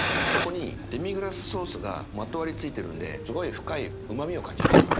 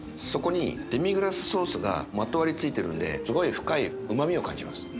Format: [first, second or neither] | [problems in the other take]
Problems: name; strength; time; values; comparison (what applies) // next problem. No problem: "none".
second | background sound (Fire); 5 dB above the speech